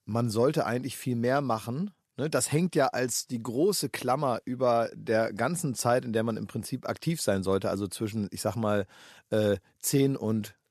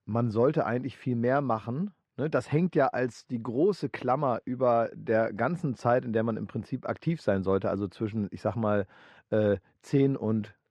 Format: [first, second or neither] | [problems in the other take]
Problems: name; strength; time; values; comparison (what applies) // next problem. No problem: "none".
first | muffled; very; fading above 2 kHz